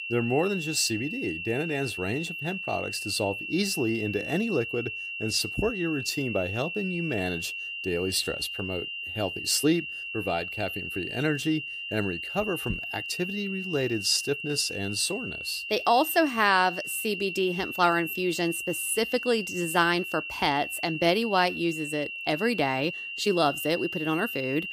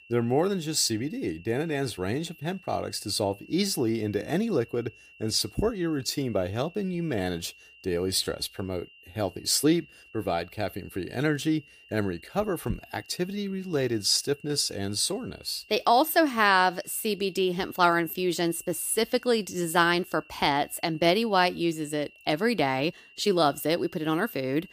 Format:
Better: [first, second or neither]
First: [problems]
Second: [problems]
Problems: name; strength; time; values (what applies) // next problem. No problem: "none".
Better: second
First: high-pitched whine; loud; throughout; 2.5 kHz, 5 dB below the speech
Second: high-pitched whine; faint; throughout; 2.5 kHz, 25 dB below the speech